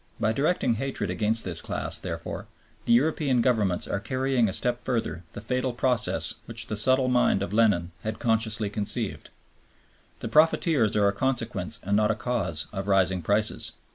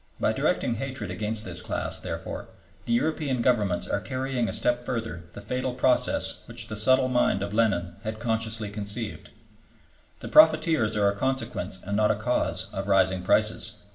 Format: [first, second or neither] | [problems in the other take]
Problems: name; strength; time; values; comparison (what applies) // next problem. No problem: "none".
first | room echo; dies away in 0.6 s